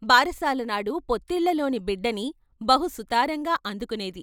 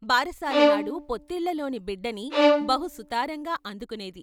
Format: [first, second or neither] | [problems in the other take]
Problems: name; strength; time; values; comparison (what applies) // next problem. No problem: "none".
first | background sound (Bowed string instrument); 4 dB above the speech